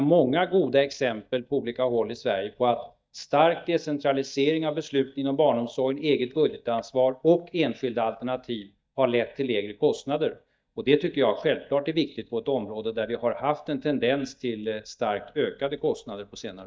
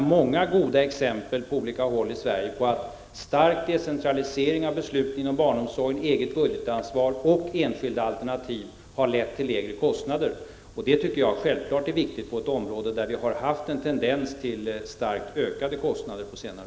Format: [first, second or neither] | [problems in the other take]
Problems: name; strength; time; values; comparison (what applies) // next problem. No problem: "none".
second | noise reduction (neural mask model DeepFilterNet 3)